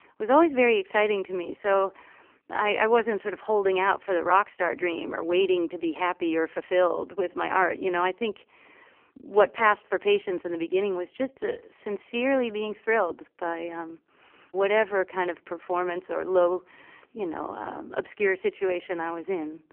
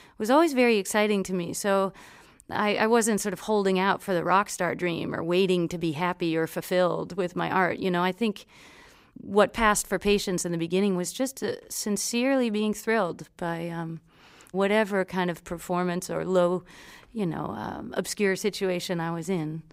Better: second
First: phone-call audio; poor line; nothing above 3 kHz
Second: none

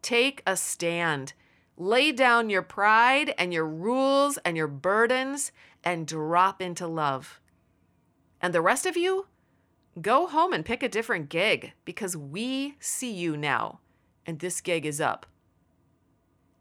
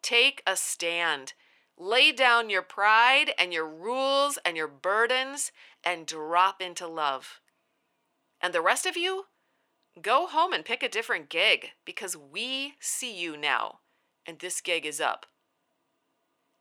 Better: first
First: none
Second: thin; somewhat; fading below 450 Hz

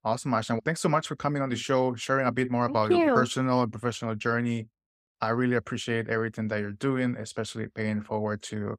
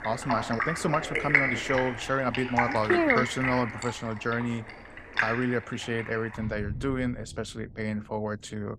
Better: first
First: none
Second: rain or running water; loud; throughout; as loud as the speech

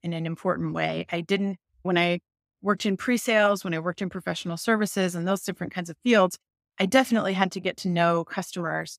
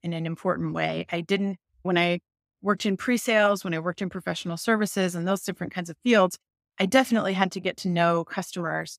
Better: neither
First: none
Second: none

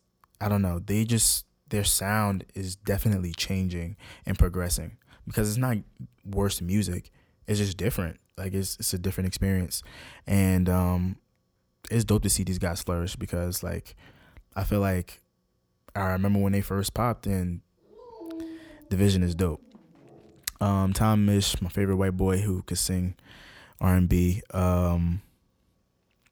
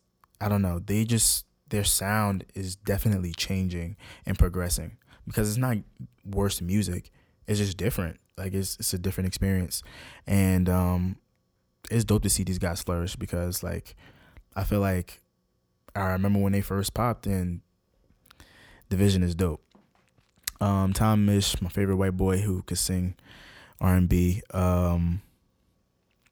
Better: second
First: dog barking; faint; from 18 to 20 s; peak 10 dB below the speech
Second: none

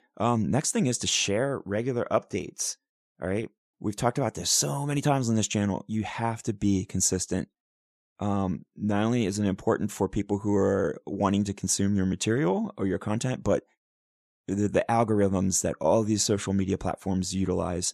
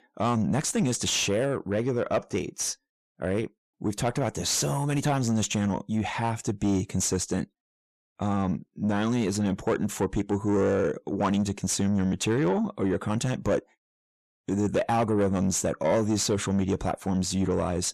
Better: first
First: none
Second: distortion; slight; 10 dB below the speech

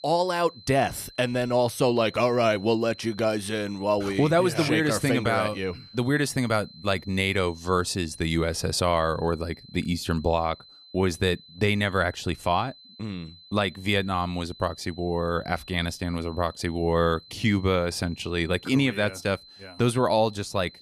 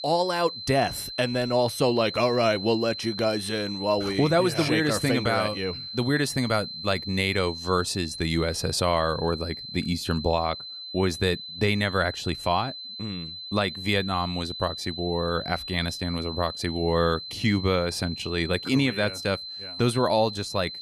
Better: first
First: high-pitched whine; faint; throughout; 4 kHz, 20 dB below the speech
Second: high-pitched whine; loud; throughout; 4 kHz, 9 dB below the speech

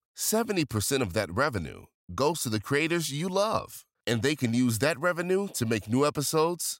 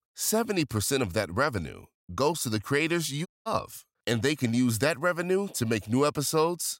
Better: first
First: none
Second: audio cutting out; at 3.5 s

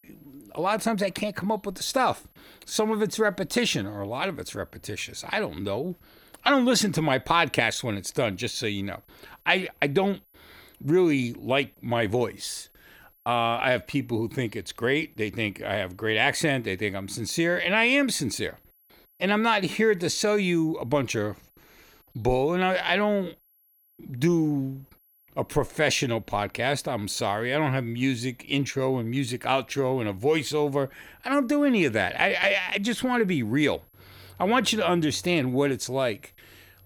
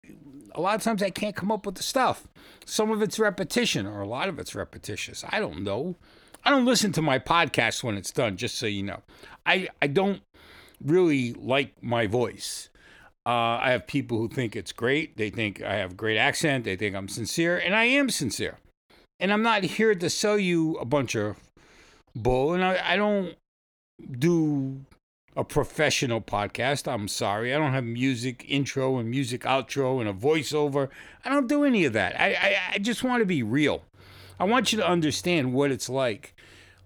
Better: second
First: high-pitched whine; faint; throughout; 11.5 kHz, 35 dB below the speech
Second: none

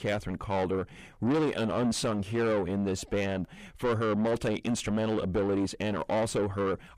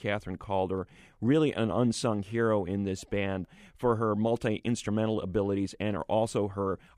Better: second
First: distortion; heavy; 5 dB below the speech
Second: none

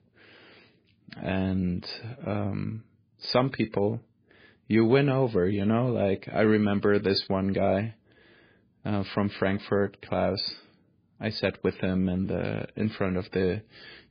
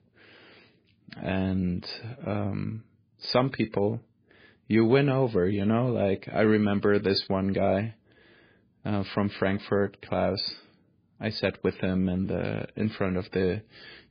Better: neither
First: garbled, watery; badly; nothing above 4.5 kHz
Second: garbled, watery; badly; nothing above 4.5 kHz

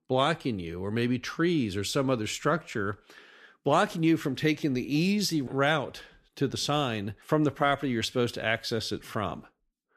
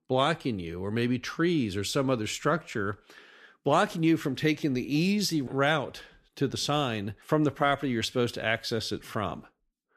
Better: neither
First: none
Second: none

